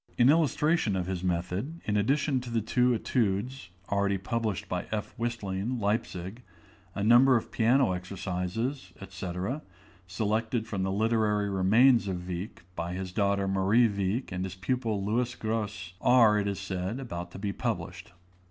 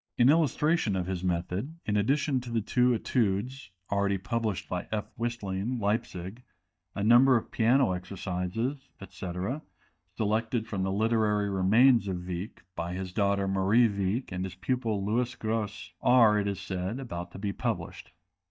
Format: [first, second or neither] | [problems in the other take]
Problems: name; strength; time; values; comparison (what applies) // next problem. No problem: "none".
first | noise reduction (neural mask model DeepFilterNet 3)